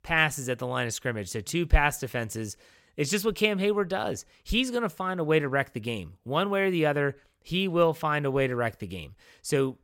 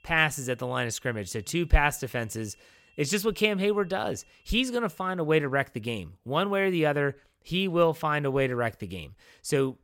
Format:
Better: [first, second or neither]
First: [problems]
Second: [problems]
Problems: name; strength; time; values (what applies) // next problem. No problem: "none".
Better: first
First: none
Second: high-pitched whine; faint; until 5 s; 2.5 kHz, 35 dB below the speech